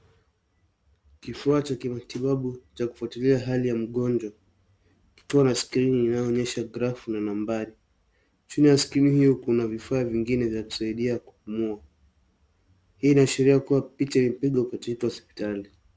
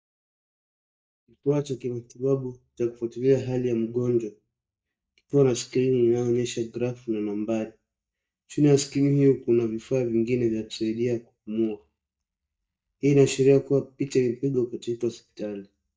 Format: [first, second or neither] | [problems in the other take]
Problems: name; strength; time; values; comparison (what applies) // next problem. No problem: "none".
first | noise reduction (neural mask model DeepFilterNet 3)